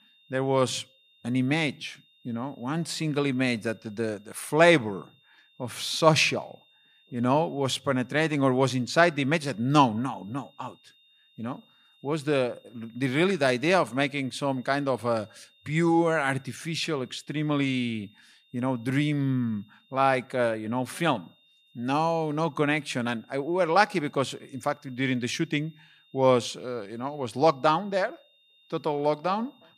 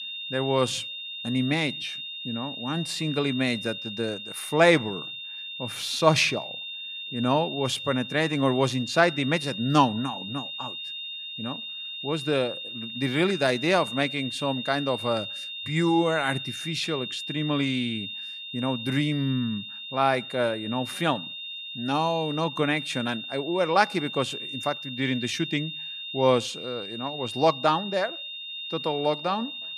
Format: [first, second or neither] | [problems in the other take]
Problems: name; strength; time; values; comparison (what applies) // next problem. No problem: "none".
first | high-pitched whine; loud; throughout; 3.5 kHz, 7 dB below the speech; faint in the first